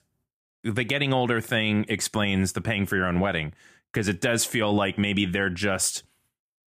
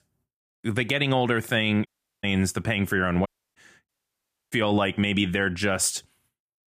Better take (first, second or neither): first